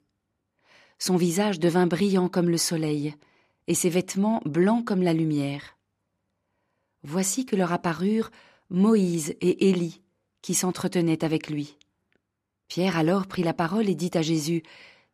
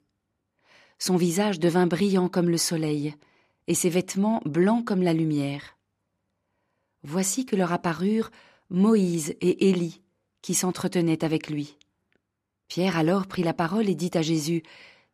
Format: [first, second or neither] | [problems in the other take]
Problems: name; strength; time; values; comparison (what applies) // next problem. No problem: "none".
neither | none